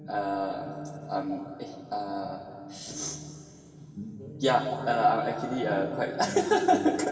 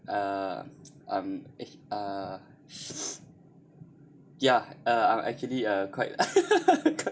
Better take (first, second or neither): second